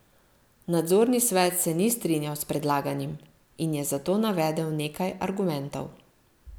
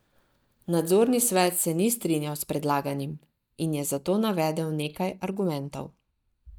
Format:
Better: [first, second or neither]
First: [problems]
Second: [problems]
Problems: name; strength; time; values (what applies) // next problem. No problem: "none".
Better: first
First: none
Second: noise reduction (neural mask model DeepFilterNet 3)